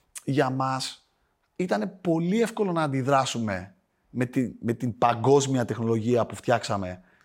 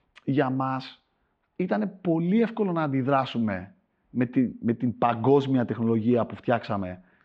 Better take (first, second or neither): first